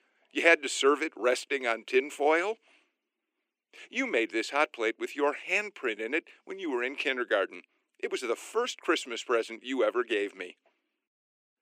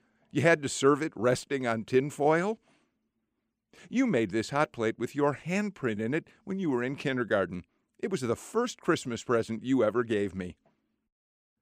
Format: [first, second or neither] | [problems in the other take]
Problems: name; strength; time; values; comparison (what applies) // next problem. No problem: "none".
second | thin; somewhat; fading below 300 Hz